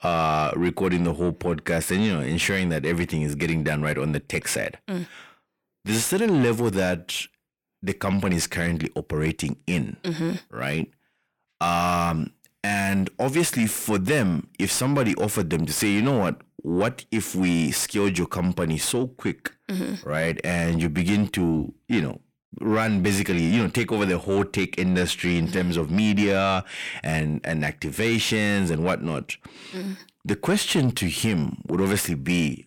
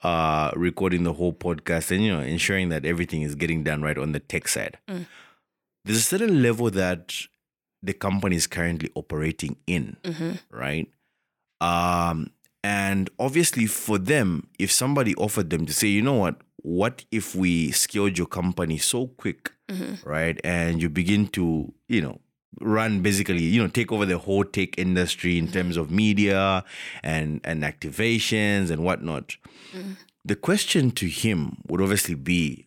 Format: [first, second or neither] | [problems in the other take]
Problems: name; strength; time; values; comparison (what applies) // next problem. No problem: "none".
second | distortion; slight; 10 dB below the speech